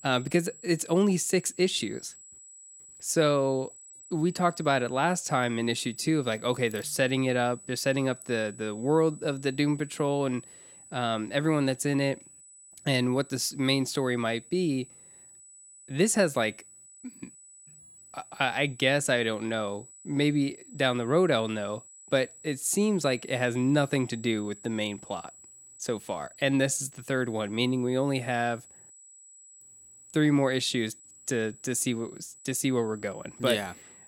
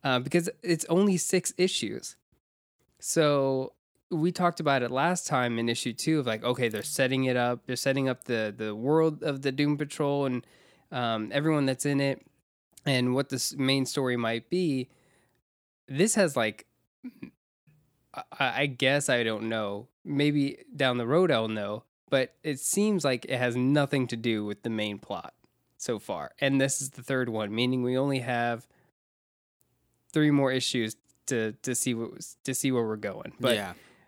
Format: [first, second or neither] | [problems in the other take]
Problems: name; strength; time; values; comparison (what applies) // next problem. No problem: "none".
second | high-pitched whine; faint; throughout; 8 kHz, 20 dB below the speech